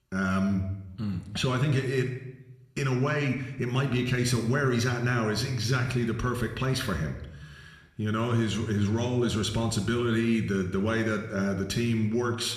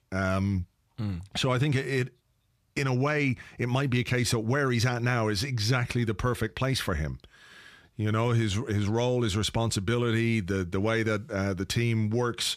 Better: second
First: room echo; slight; dies away in 0.8 s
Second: none

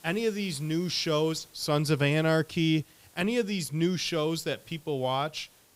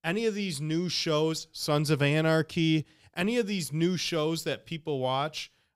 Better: second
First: hiss; faint; throughout; 25 dB below the speech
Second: none

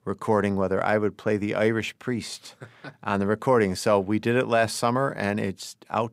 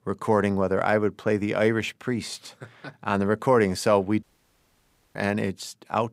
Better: first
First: none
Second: audio cutting out; at 4 s for 1 s

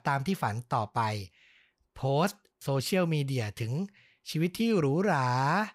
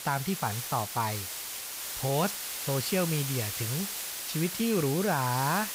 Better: first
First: none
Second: hiss; loud; throughout; 3 dB below the speech

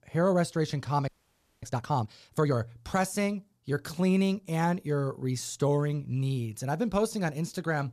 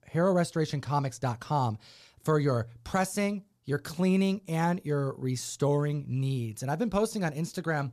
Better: second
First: audio freezing; at 1 s for 0.5 s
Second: none

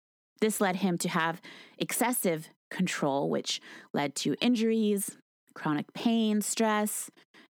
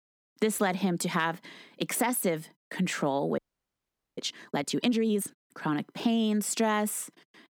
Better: first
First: none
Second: audio freezing; at 3.5 s for 1 s

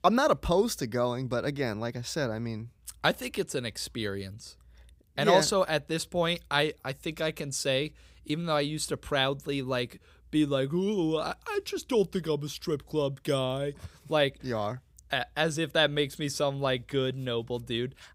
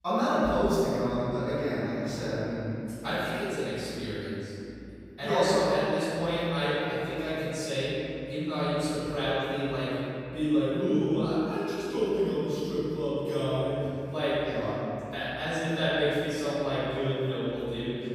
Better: first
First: none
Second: room echo; strong; dies away in 2.9 s // off-mic speech; far

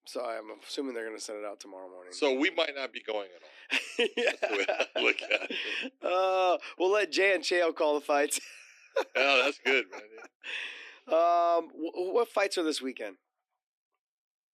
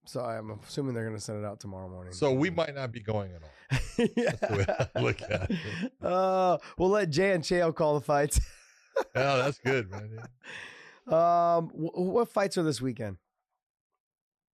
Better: second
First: thin; somewhat; fading below 250 Hz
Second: none

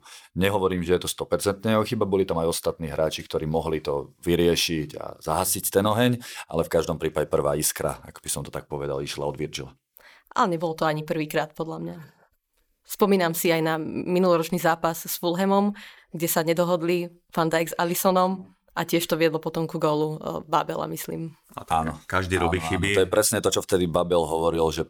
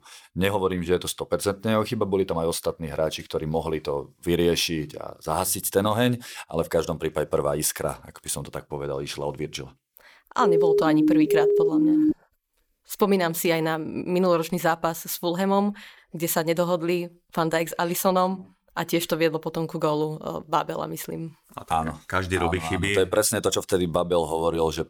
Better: first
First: none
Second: siren; loud; from 10 to 12 s; peak 6 dB above the speech

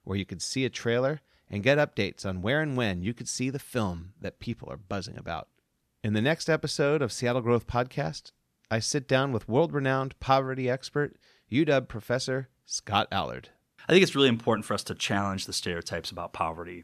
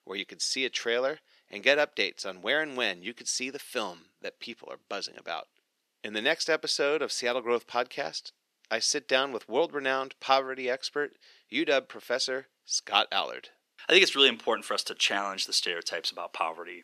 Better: first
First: none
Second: thin; somewhat; fading below 350 Hz

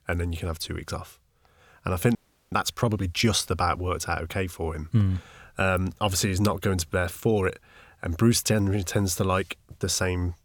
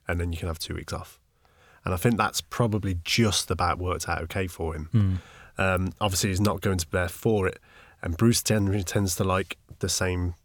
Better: second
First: audio freezing; at 2 s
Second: none

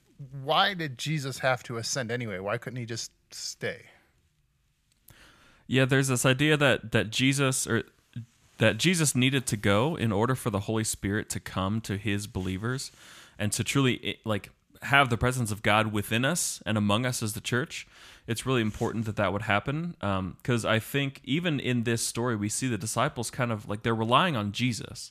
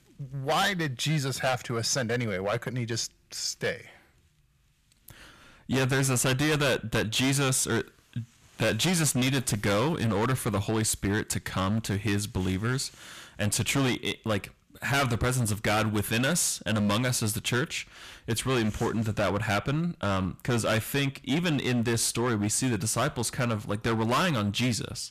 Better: first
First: none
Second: distortion; heavy; 14% of the sound clipped

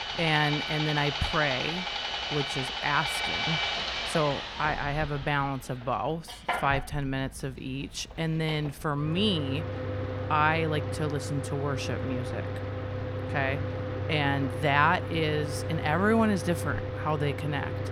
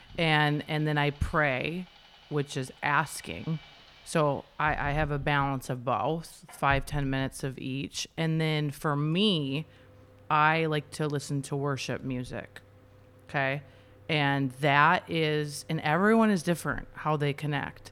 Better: second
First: machinery noise; loud; throughout; 3 dB below the speech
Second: machinery noise; faint; throughout; 25 dB below the speech

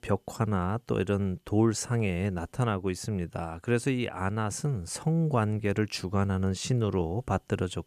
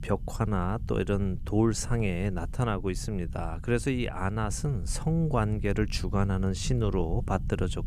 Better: first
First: none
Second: low rumble; faint; throughout; 20 dB below the speech

